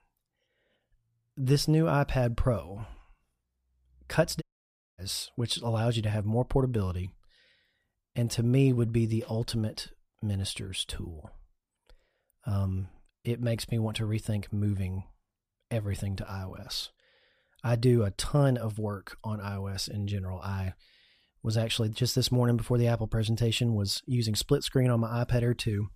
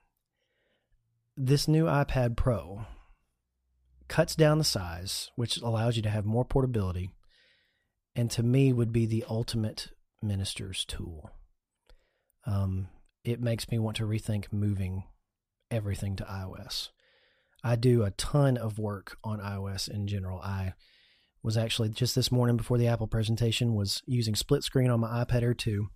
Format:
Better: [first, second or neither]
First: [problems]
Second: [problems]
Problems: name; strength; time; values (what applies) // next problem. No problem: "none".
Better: second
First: audio cutting out; at 4.5 s for 0.5 s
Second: none